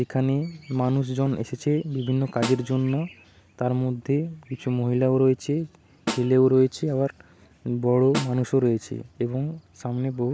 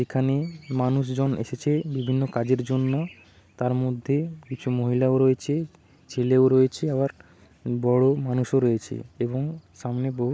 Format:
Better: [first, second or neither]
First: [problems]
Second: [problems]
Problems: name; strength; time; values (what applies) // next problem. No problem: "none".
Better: second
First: background sound (Snare drum); 12 dB below the speech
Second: none